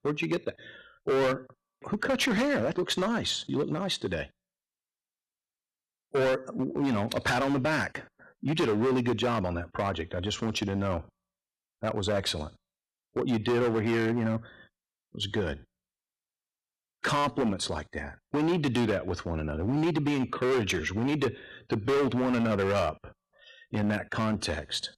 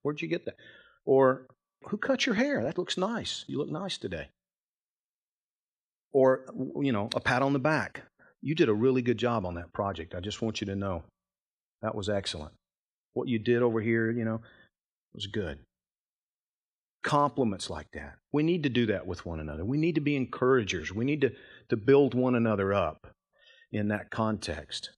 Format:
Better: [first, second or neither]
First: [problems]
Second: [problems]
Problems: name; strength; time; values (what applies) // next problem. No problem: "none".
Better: second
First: distortion; heavy; 12% of the sound clipped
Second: none